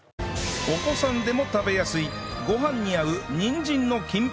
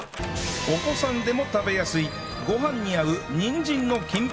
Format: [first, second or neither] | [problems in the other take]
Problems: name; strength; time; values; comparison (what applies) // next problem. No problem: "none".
first | background sound (Wood); 19 dB below the speech // room echo; dies away in 2.4 s